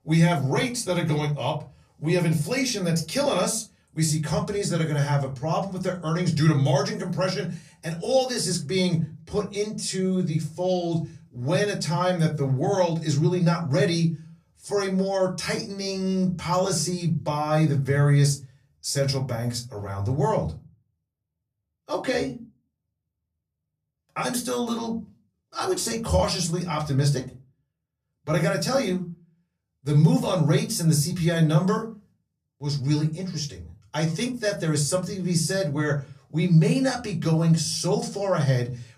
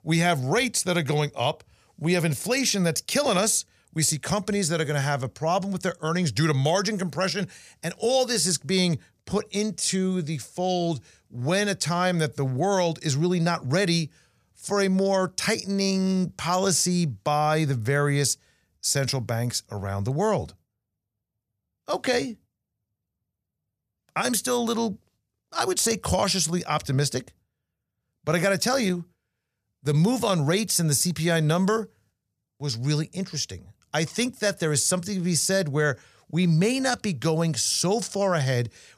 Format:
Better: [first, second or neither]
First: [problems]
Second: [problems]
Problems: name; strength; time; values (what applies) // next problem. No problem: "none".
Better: second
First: off-mic speech; far // room echo; very slight; dies away in 0.3 s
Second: none